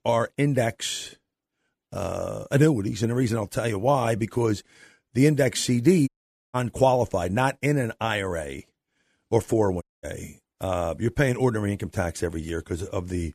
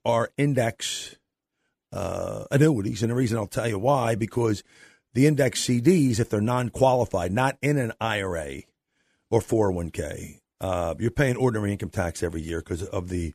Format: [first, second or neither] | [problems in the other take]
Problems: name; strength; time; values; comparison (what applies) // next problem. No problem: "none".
second | audio cutting out; at 6 s and at 10 s